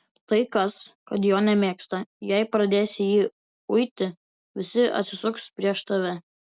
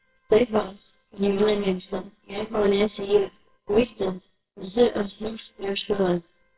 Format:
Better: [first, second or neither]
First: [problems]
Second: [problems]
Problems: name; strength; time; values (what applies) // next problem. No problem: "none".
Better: first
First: none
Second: noise reduction (neural separator model SepFormer WHAMR!)